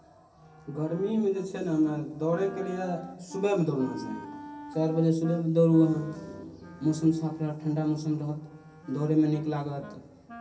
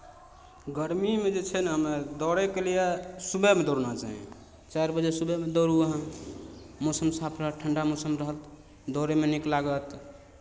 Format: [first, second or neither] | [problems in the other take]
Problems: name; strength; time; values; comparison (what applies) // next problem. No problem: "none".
second | background sound (Wind instrument, woodwind instrument); 19 dB below the speech // room echo; dies away in 0.3 s